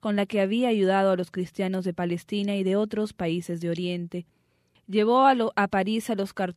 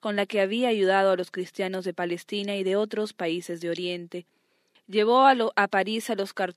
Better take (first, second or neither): first